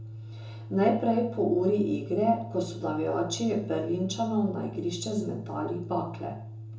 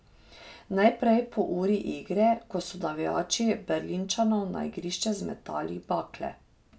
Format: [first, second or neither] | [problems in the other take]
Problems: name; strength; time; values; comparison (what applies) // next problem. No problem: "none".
second | background sound (Organ); 12 dB below the speech // room echo; dies away in 0.6 s